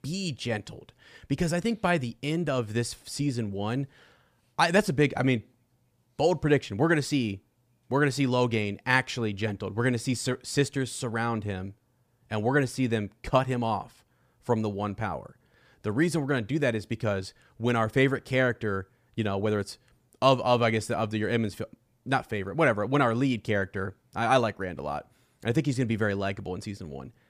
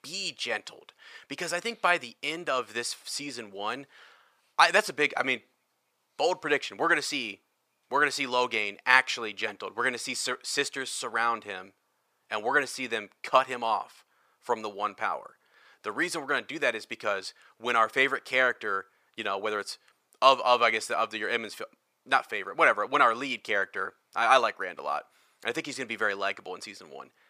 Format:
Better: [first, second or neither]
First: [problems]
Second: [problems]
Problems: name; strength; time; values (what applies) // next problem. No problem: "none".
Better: first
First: none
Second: thin; very; fading below 550 Hz